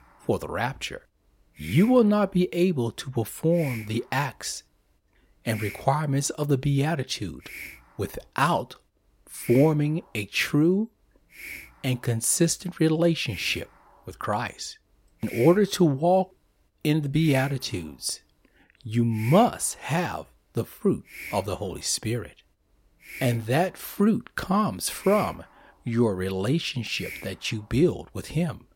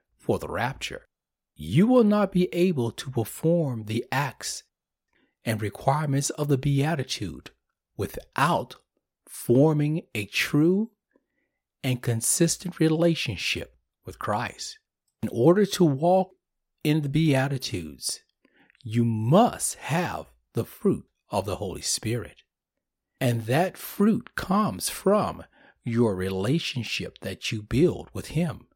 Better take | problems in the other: second | hiss; noticeable; throughout; 15 dB below the speech

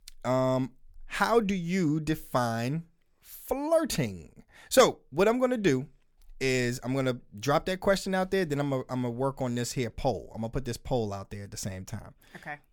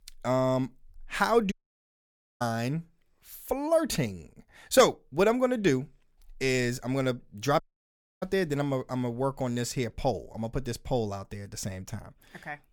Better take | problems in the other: first | audio cutting out; at 1.5 s for 1 s and at 7.5 s for 0.5 s

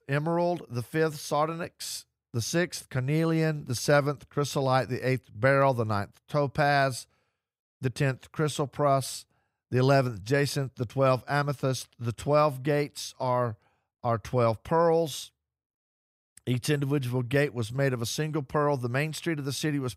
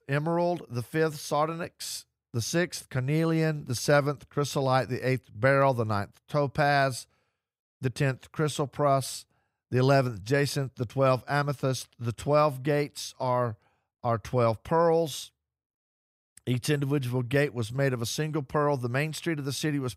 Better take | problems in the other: neither | none

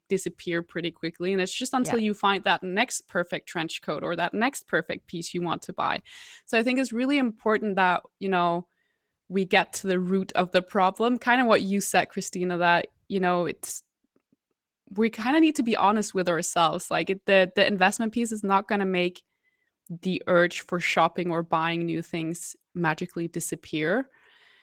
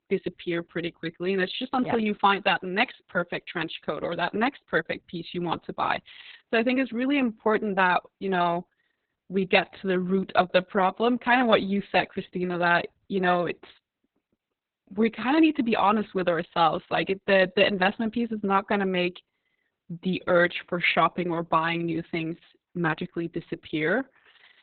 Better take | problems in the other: first | garbled, watery; badly; nothing above 4 kHz; slightly in the first

